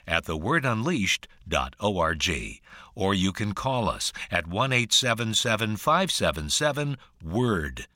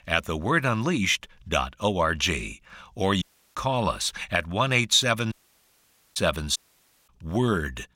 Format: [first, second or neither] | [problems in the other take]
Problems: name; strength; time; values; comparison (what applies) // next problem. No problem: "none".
first | audio cutting out; at 3 s, at 5.5 s for 1 s and at 6.5 s for 0.5 s